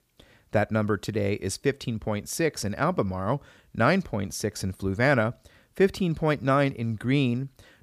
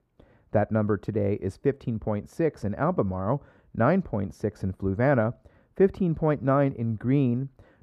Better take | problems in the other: first | muffled; very; fading above 2 kHz

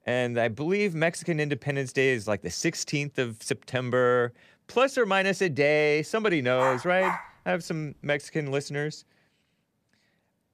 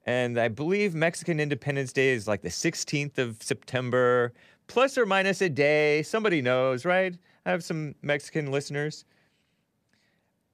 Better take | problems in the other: second | dog barking; noticeable; at 6.5 s; peak 4 dB below the speech

